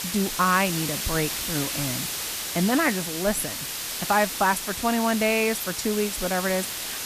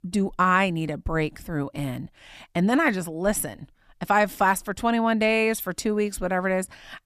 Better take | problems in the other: second | hiss; loud; throughout; 3 dB below the speech

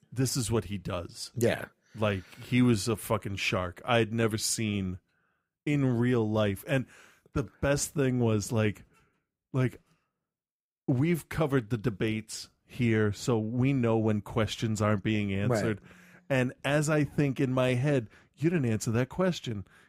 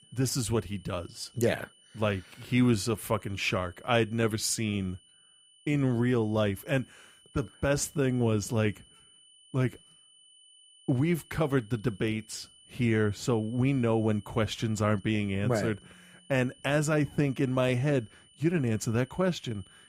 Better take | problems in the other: first | high-pitched whine; faint; throughout; 3 kHz, 25 dB below the speech

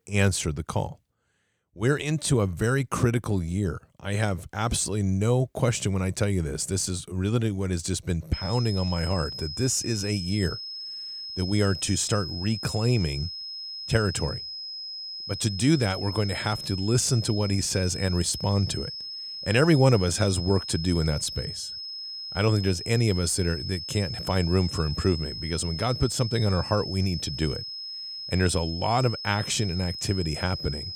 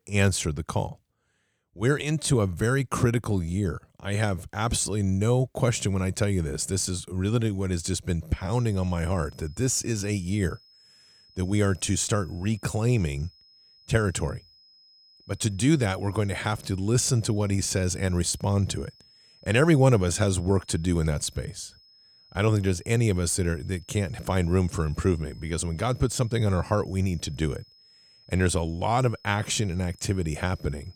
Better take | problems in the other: second | high-pitched whine; loud; from 8.5 s on; 5 kHz, 7 dB below the speech; faint in the second

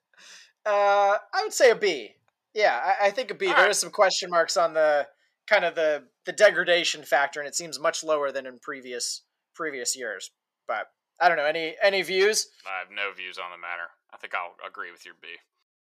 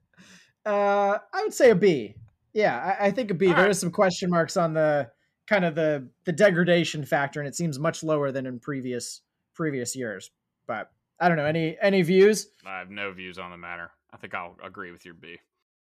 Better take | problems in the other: second | thin; very; fading below 650 Hz

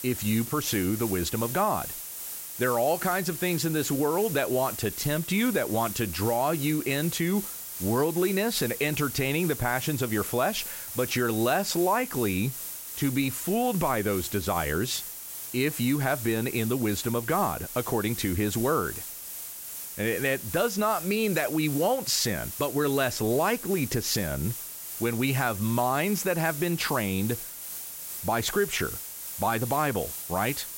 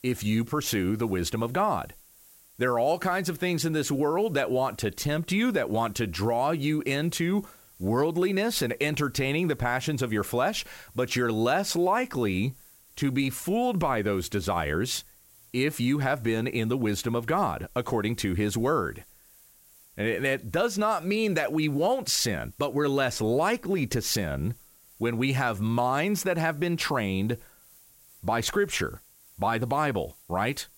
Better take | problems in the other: second | hiss; loud; throughout; 7 dB below the speech; faint in the second

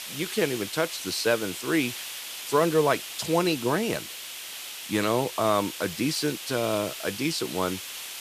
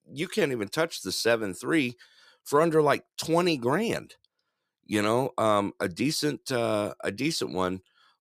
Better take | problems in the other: second | hiss; loud; throughout; 8 dB below the speech

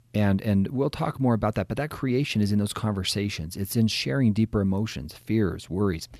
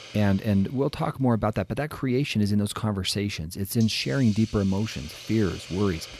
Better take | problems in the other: first | hiss; noticeable; throughout; 15 dB below the speech

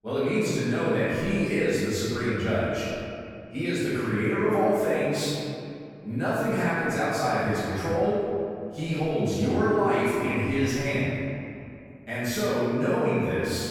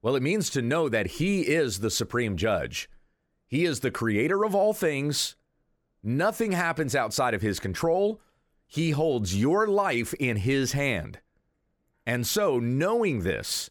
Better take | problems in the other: second | off-mic speech; far // room echo; strong; dies away in 2.4 s

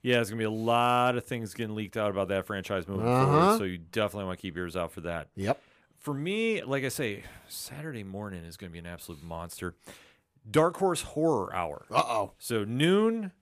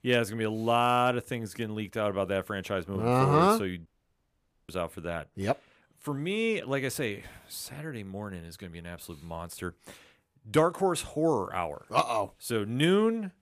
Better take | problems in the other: first | audio cutting out; at 4 s for 1 s

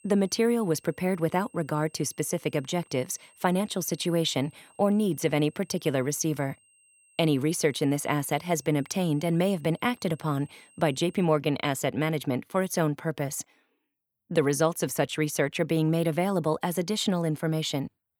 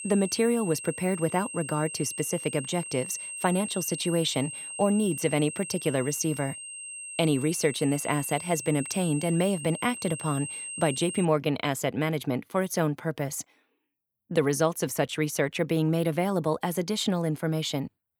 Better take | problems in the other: first | high-pitched whine; loud; until 11 s; 8.5 kHz, 8 dB below the speech; faint in the first

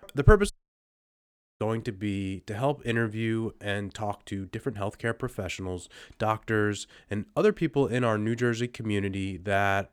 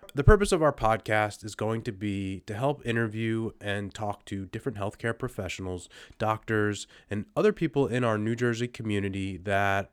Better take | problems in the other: second | audio cutting out; at 0.5 s for 1 s

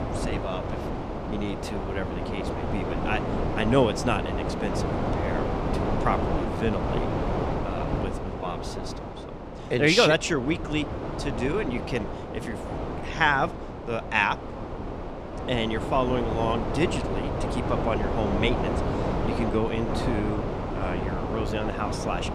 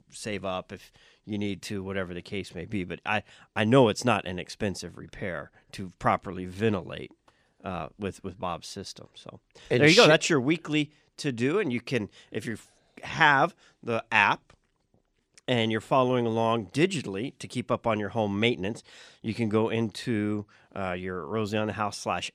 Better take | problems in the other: second | wind noise on the microphone; heavy; 4 dB below the speech

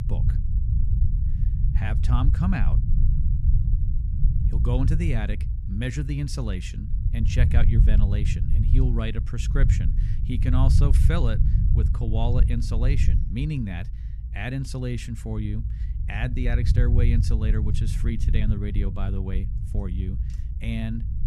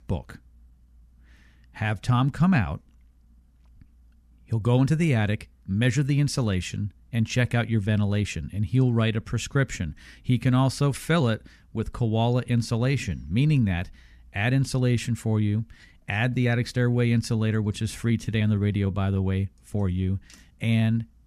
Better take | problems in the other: second | low rumble; loud; throughout; 6 dB below the speech

